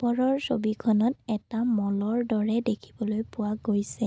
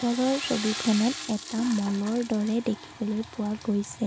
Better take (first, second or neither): first